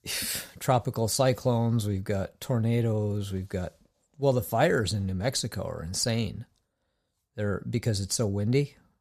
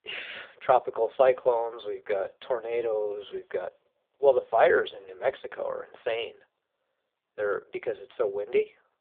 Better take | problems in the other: first | phone-call audio; poor line

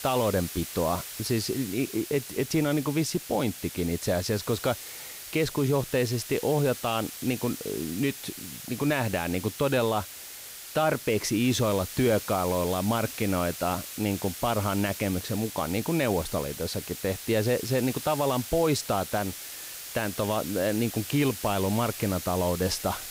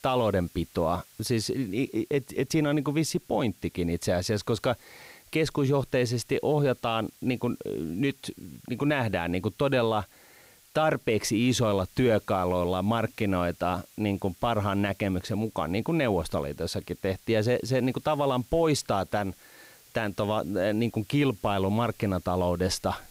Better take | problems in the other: second | hiss; loud; throughout; 9 dB below the speech; faint in the second

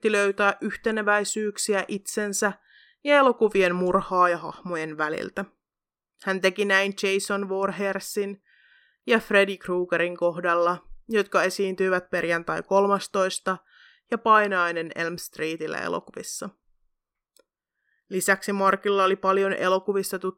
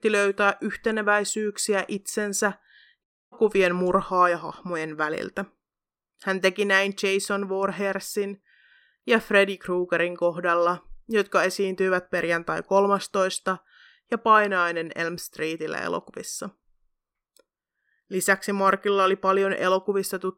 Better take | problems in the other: first | audio cutting out; at 3 s

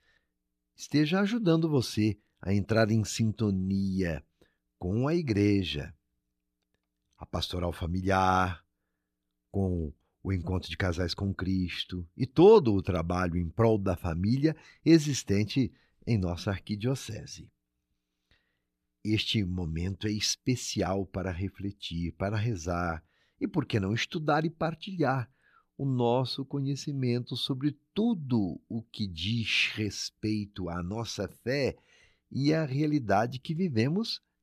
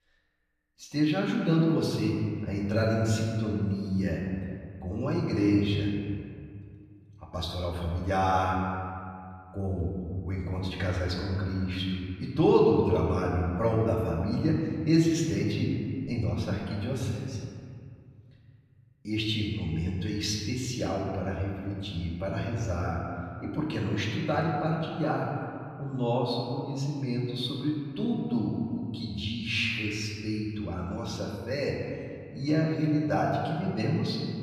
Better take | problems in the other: first | off-mic speech; far // room echo; noticeable; dies away in 2.1 s

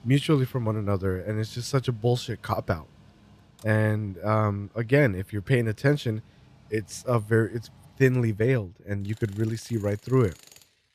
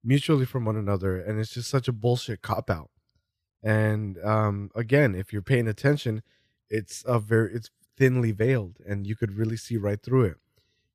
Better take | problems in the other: second | machinery noise; faint; throughout; 25 dB below the speech

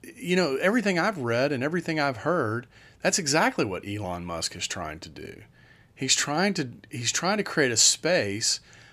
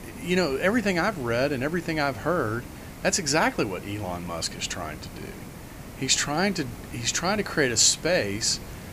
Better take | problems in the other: first | hiss; noticeable; throughout; 15 dB below the speech

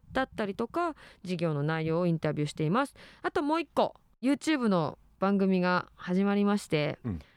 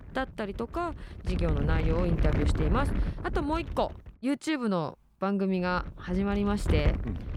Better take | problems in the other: first | wind noise on the microphone; heavy; until 4 s and from 5.5 s on; 8 dB below the speech

